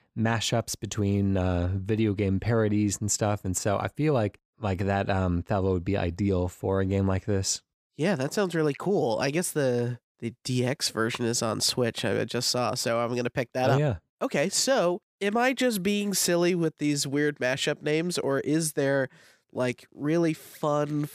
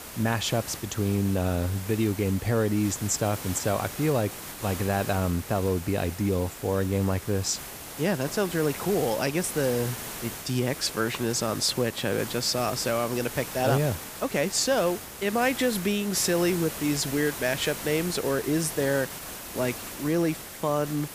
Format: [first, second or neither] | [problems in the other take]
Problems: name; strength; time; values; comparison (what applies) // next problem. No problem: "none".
first | hiss; loud; throughout; 9 dB below the speech